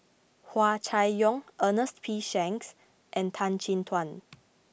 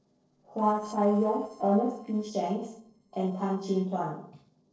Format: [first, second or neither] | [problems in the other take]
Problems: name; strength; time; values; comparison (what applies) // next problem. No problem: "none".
first | noise reduction (neural separator model SepFormer DNS4)